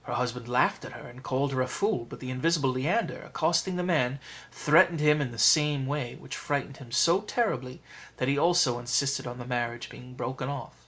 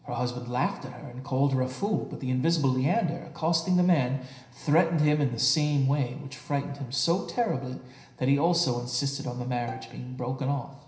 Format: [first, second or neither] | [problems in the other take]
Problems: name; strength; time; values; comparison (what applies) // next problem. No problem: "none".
first | background sound (Bowed string instrument); 17 dB below the speech // room echo; dies away in 0.9 s